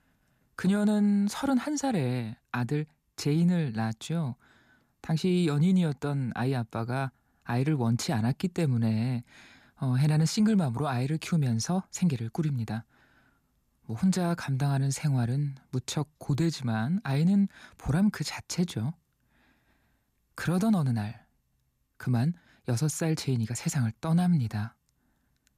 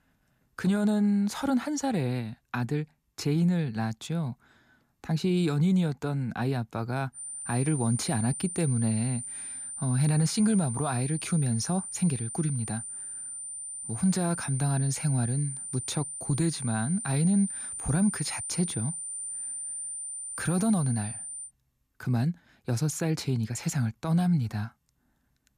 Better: first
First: none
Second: high-pitched whine; loud; from 7 to 21 s; 9 kHz, 6 dB below the speech

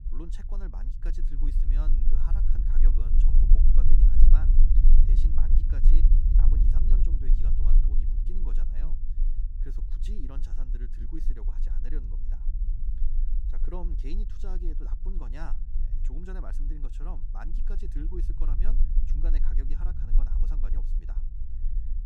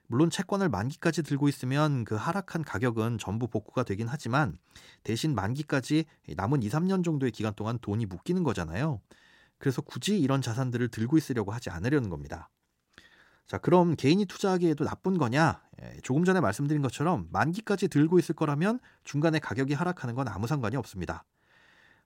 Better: second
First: low rumble; loud; throughout; 2 dB below the speech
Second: none

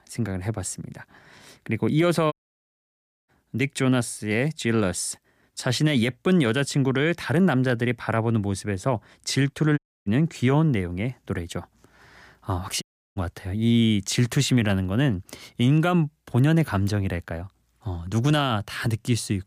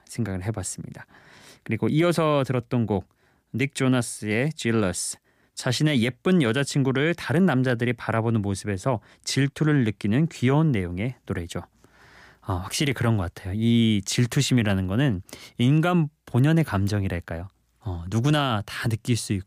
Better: second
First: audio cutting out; at 2.5 s for 1 s, at 10 s and at 13 s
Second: none

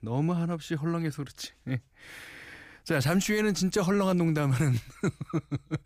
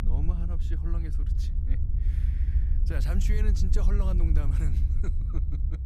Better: first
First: none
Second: low rumble; loud; throughout; 4 dB below the speech

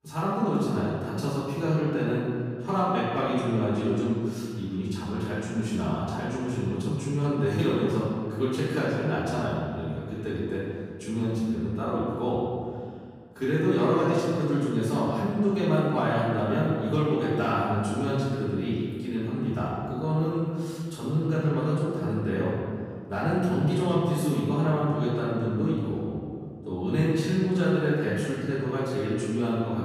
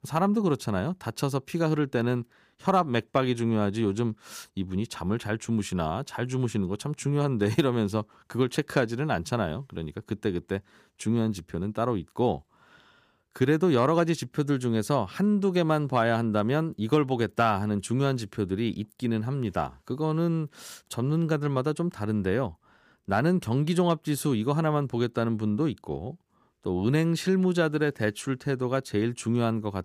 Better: second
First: room echo; strong; dies away in 1.9 s // off-mic speech; far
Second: none

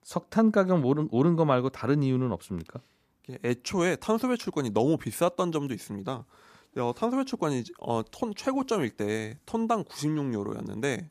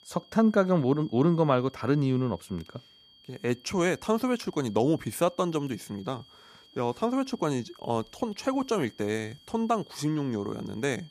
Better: first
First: none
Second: high-pitched whine; faint; throughout; 3 kHz, 25 dB below the speech

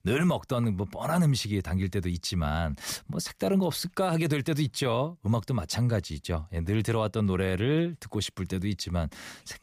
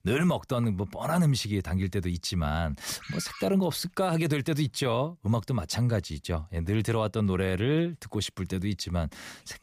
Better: first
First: none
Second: phone ringing; faint; at 3 s; peak 10 dB below the speech

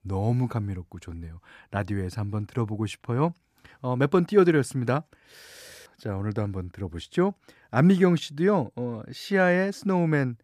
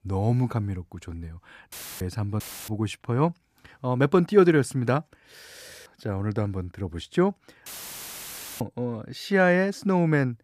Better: first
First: none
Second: audio cutting out; filled with static; at 1.5 s, at 2.5 s and at 7.5 s for 1 s

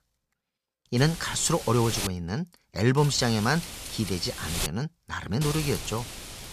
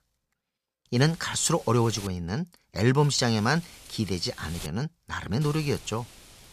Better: second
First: wind noise on the microphone; heavy; from 1 to 2 s, from 3 to 4.5 s and from 5.5 s on; 7 dB below the speech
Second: wind noise on the microphone; occasional gusts; from 1 to 2 s, from 3 to 4.5 s and from 5.5 s on; 15 dB below the speech

